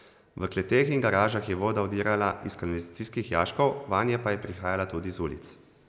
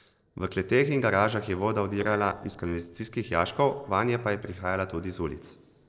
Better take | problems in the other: first | noise reduction (neural separator model SepFormer DNS4)

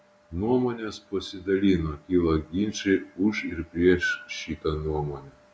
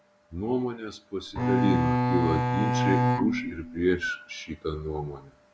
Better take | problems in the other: first | background sound (Bowed string instrument); 4 dB above the speech

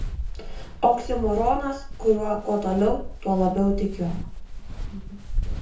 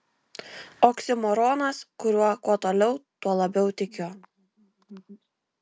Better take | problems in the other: second | background sound (Walk, footsteps); 5 dB below the speech // room echo; dies away in 0.6 s

